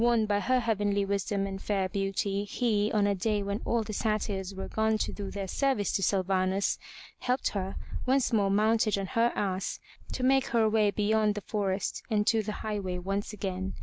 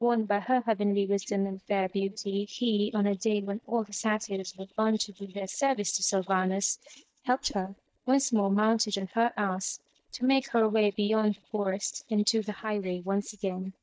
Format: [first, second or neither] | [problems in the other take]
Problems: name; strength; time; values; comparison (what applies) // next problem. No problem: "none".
first | noise reduction (neural mask model DeepFilterNet 3)